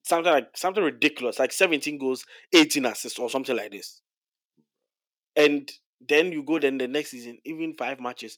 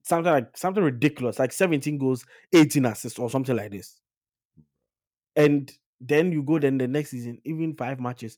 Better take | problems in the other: second | thin; very slightly; fading below 300 Hz

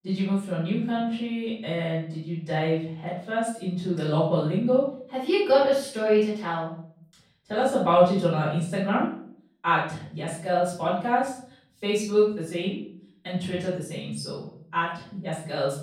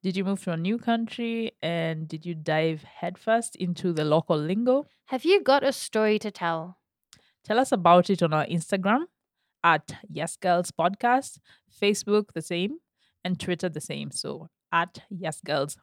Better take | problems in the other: second | off-mic speech; far // room echo; noticeable; dies away in 0.5 s

